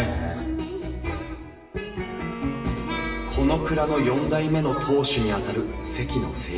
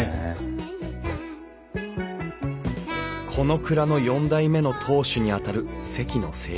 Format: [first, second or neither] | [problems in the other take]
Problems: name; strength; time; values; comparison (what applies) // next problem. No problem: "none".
second | background sound (Bowed string instrument); 16 dB below the speech // room echo; dies away in 1.1 s